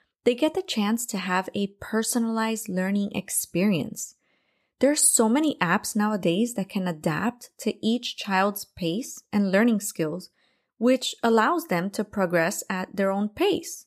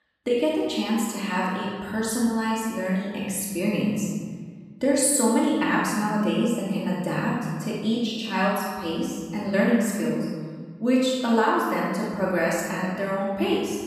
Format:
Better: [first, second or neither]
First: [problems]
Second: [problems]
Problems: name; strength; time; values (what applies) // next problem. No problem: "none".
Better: first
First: none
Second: off-mic speech; far // room echo; strong; dies away in 1.8 s